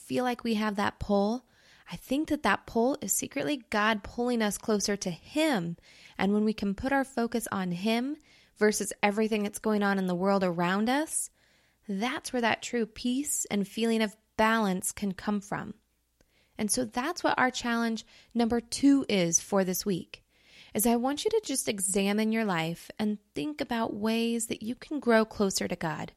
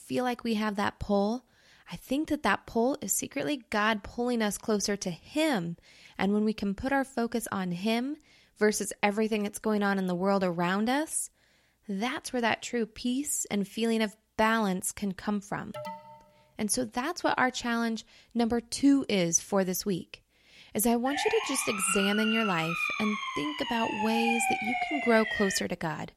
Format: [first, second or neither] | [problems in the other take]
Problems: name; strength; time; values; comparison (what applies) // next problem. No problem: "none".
first | alarm; faint; at 16 s; peak 10 dB below the speech // siren; loud; from 21 to 26 s; peak 1 dB above the speech